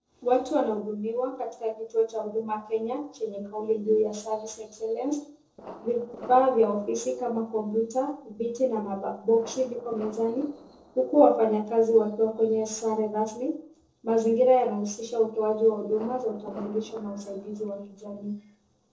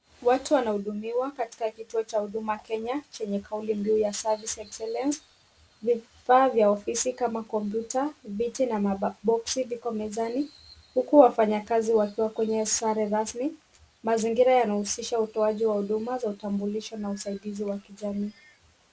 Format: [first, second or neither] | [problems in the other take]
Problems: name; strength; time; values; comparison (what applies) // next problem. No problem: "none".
second | noise reduction (neural separator model SepFormer DNS4)